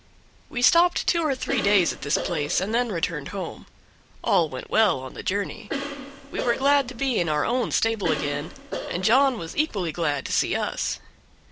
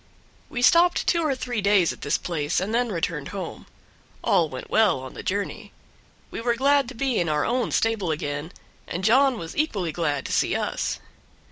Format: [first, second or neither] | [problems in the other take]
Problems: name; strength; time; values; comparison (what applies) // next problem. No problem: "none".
second | background sound (Cough); 8 dB below the speech